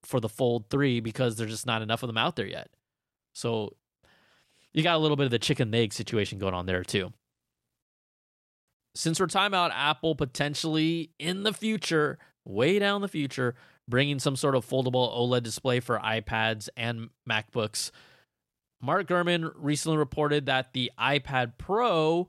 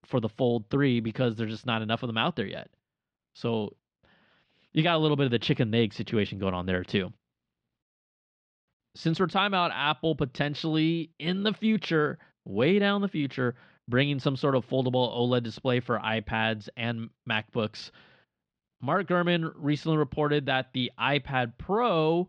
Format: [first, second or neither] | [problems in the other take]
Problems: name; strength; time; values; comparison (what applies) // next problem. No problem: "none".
first | muffled; slightly; fading above 4 kHz